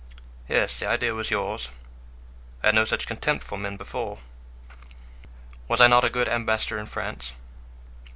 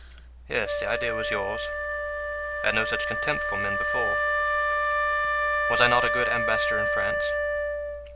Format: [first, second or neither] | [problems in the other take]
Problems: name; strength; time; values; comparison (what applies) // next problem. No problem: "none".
first | background sound (Wind instrument, woodwind instrument); 4 dB above the speech